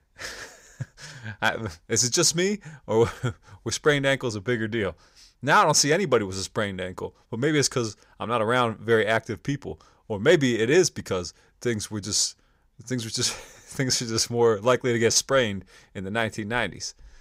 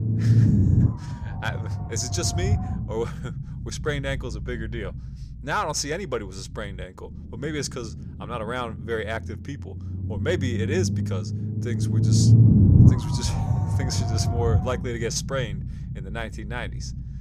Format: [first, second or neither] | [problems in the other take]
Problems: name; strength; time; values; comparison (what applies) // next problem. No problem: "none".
first | low rumble; loud; throughout; 2 dB below the speech